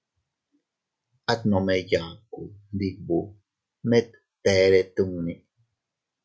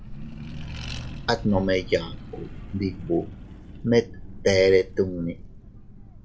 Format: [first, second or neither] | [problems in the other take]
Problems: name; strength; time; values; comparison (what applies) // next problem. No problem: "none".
first | background sound (Accelerating, revving, vroom); 12 dB below the speech